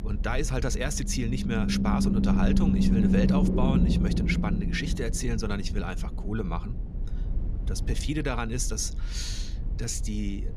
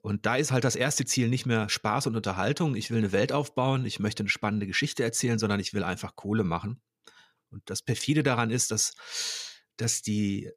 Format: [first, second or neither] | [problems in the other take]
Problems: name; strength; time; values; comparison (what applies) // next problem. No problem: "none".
second | low rumble; loud; throughout; as loud as the speech